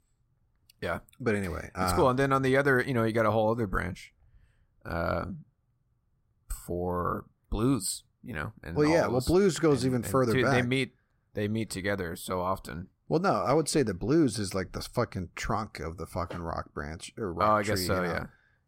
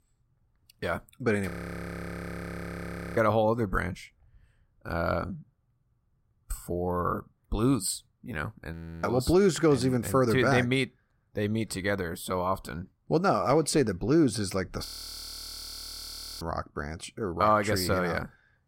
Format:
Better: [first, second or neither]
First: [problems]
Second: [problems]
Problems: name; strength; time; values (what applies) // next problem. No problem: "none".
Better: first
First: none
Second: audio freezing; at 1.5 s for 1.5 s, at 8.5 s and at 15 s for 1.5 s